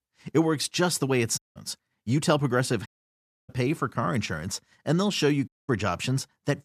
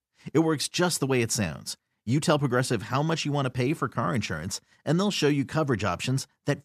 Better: second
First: audio cutting out; at 1.5 s, at 3 s for 0.5 s and at 5.5 s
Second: none

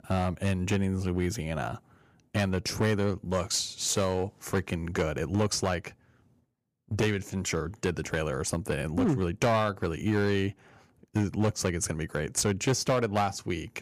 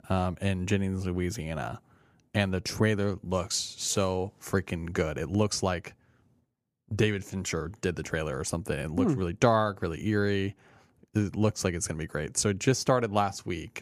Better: second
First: distortion; slight; 5% of the sound clipped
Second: none

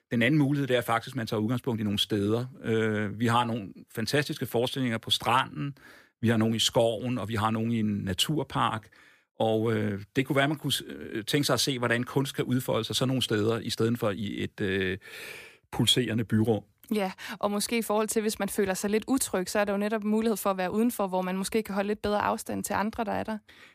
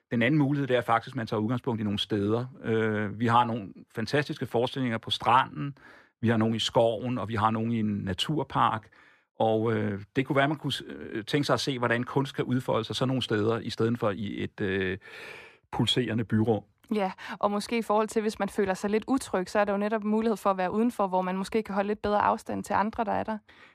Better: first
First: none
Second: muffled; slightly; fading above 3 kHz

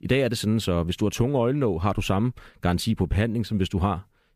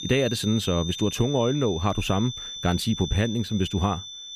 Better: first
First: none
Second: high-pitched whine; loud; throughout; 3.5 kHz, 9 dB below the speech

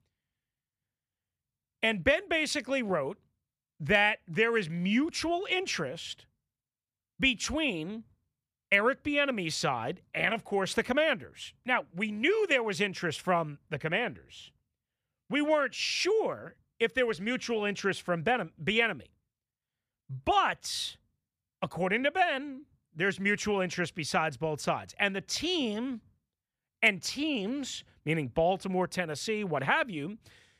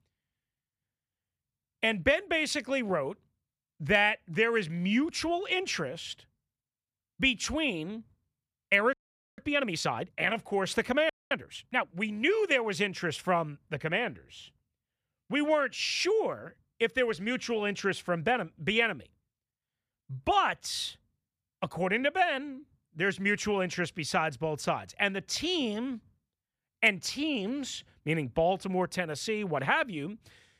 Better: first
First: none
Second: audio freezing; at 9 s and at 11 s

